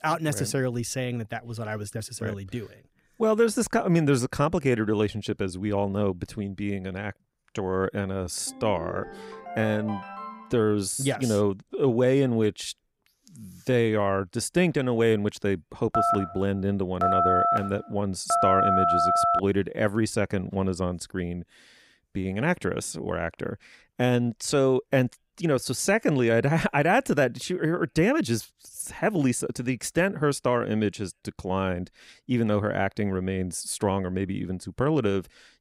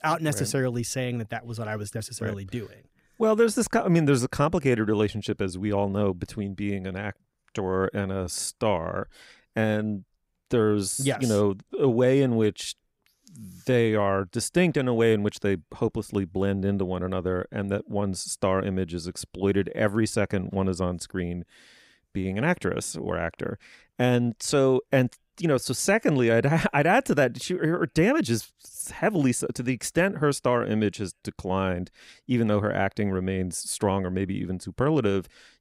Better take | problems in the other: second | phone ringing; faint; from 8.5 to 11 s; peak 10 dB below the speech // phone ringing; loud; from 16 to 19 s; peak 5 dB above the speech

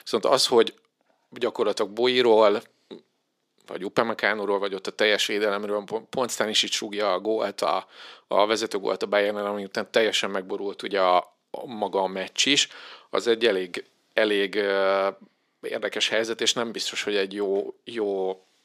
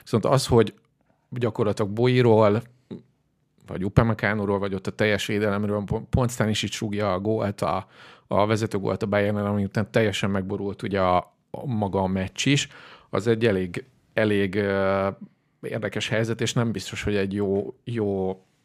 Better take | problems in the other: second | thin; somewhat; fading below 300 Hz

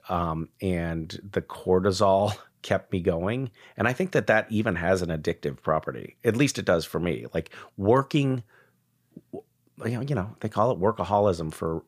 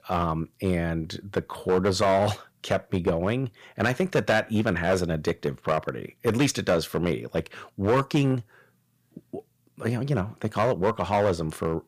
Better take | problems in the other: first | distortion; slight; 5% of the sound clipped

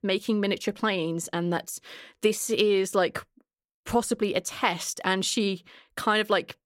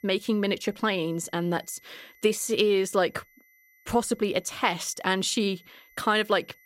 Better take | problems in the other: first | high-pitched whine; faint; throughout; 2 kHz, 30 dB below the speech

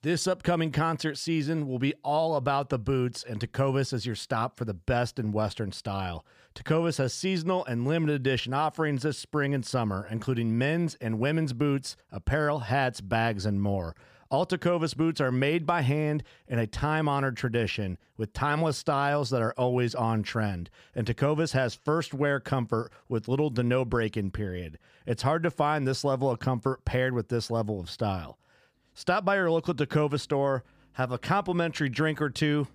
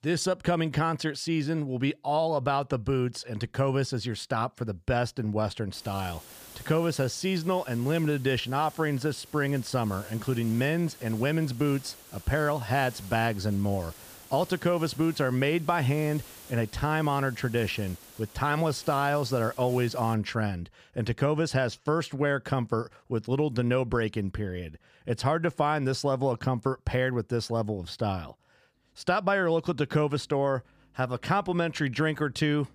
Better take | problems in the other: first | hiss; noticeable; from 5.5 to 20 s; 20 dB below the speech

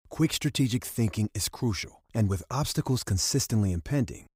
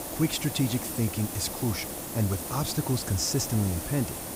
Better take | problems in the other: first | hiss; loud; throughout; 5 dB below the speech

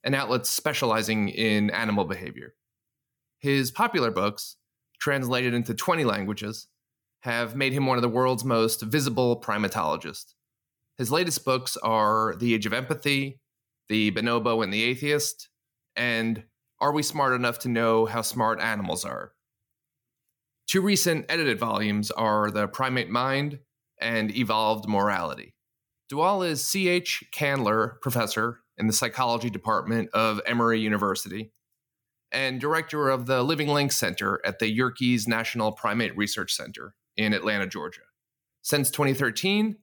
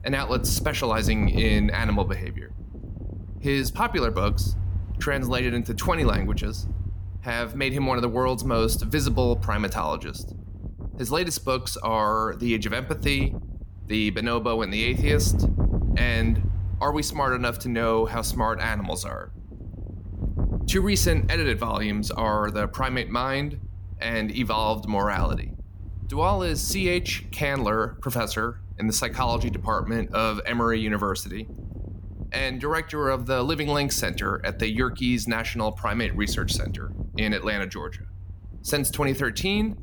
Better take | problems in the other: first | wind noise on the microphone; occasional gusts; 20 dB below the speech

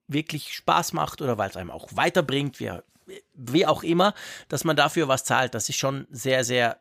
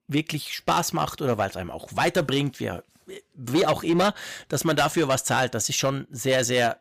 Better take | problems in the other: first | distortion; slight; 6% of the sound clipped

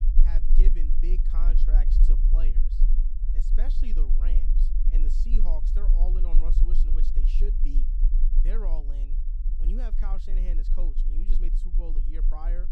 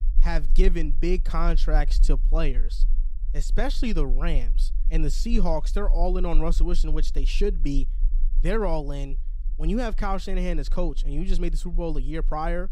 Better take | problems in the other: second | low rumble; loud; throughout; 5 dB below the speech; faint in the second

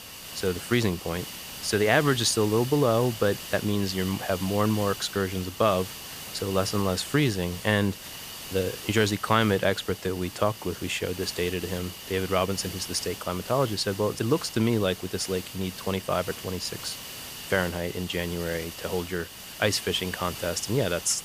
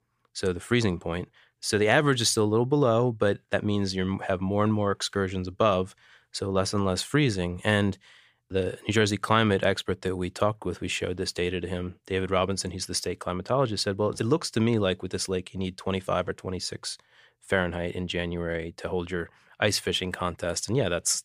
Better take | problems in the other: second | hiss; noticeable; throughout; 10 dB below the speech

